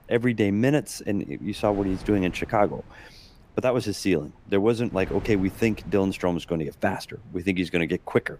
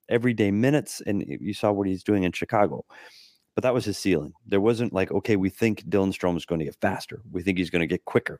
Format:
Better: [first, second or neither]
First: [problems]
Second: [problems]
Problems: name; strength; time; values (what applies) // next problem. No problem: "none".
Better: second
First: wind noise on the microphone; occasional gusts; 25 dB below the speech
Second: none